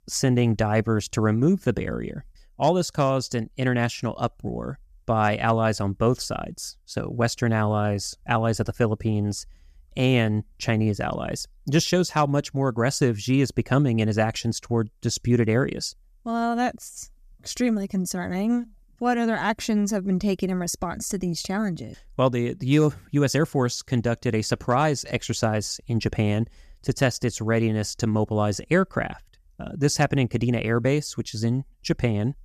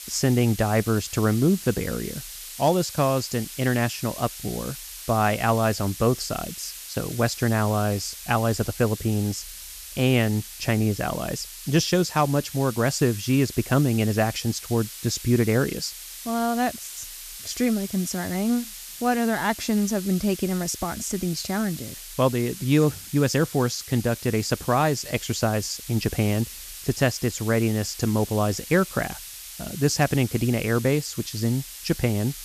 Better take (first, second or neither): first